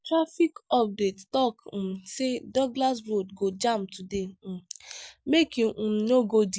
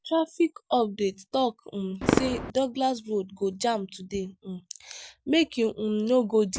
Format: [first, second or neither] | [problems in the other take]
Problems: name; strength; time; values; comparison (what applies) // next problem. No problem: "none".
first | background sound (Fireworks); 9 dB below the speech